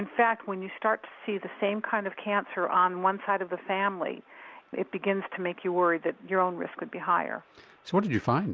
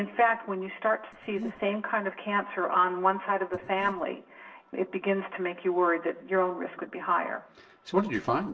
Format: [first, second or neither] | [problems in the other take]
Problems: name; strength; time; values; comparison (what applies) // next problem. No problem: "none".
first | noise reduction (neural separator model SepFormer DNS4)